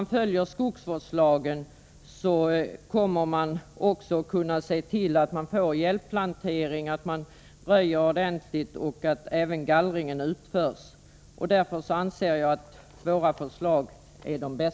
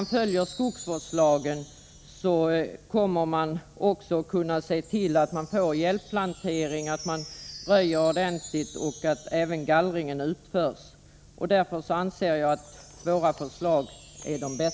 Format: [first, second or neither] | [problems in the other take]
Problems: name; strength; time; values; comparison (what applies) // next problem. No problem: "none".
first | background sound (Wind chime); 20 dB below the speech